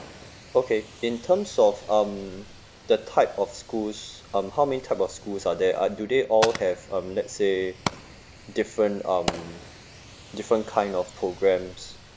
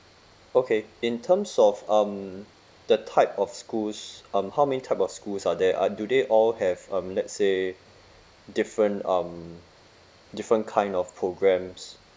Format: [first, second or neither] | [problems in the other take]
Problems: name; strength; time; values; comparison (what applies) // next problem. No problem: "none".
second | background sound (Fire); 14 dB below the speech